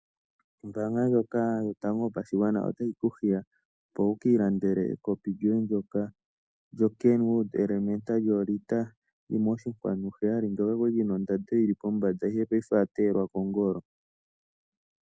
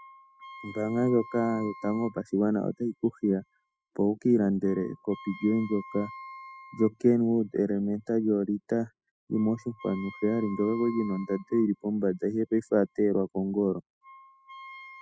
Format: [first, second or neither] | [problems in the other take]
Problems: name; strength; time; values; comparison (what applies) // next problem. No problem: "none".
first | noise reduction (classical method spectral subtraction)